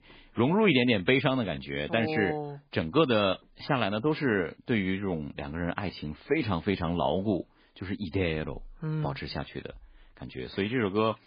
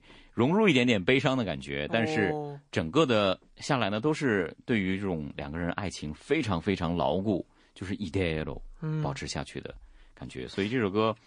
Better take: second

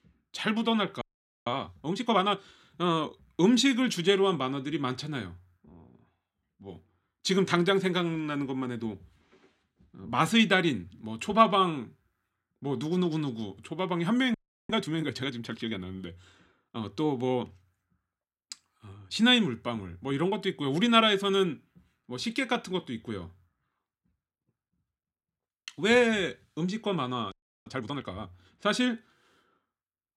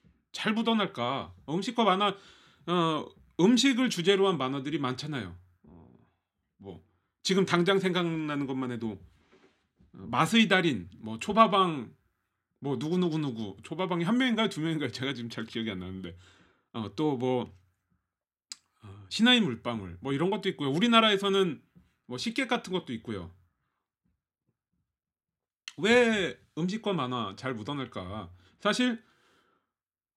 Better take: second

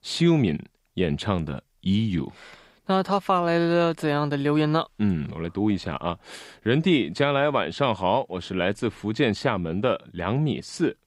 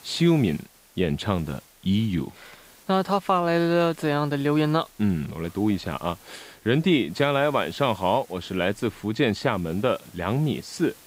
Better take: first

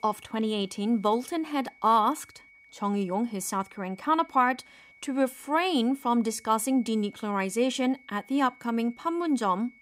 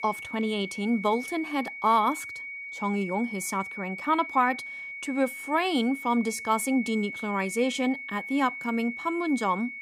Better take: first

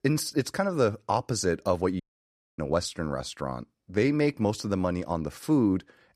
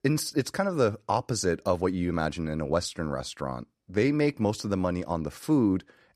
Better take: second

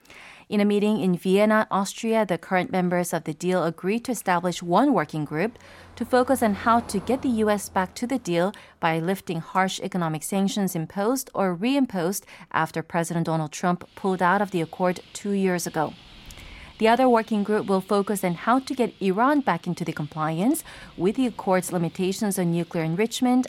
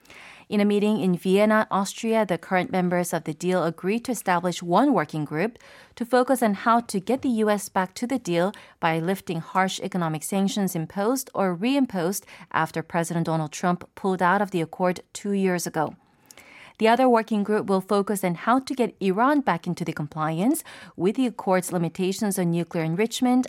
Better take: second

